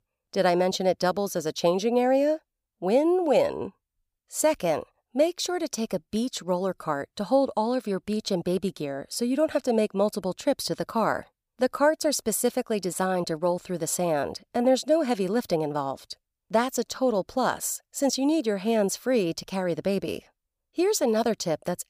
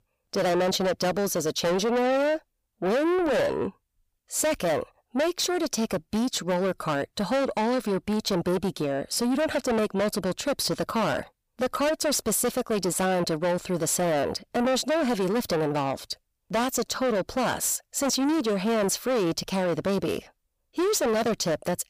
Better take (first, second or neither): first